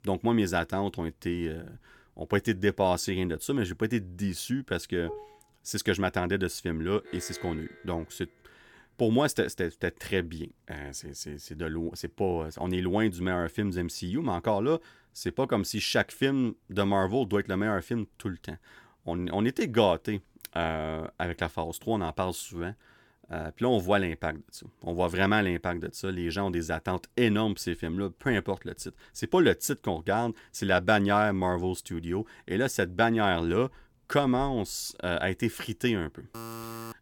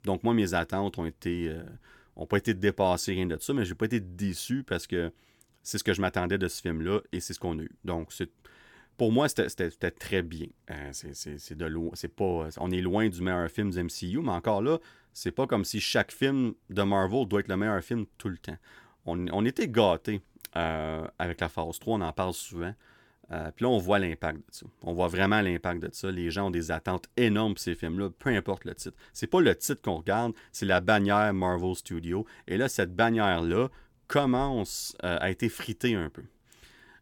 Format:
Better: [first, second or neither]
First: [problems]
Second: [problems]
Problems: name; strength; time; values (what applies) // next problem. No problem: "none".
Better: second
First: clattering dishes; faint; at 5 s; peak 15 dB below the speech // alarm; faint; from 7 to 8.5 s; peak 15 dB below the speech // alarm; noticeable; at 36 s; peak 10 dB below the speech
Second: none